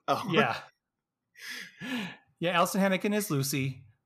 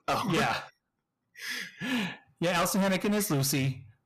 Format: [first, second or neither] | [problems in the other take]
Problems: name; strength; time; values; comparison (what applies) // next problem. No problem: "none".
first | distortion; heavy; 13% of the sound clipped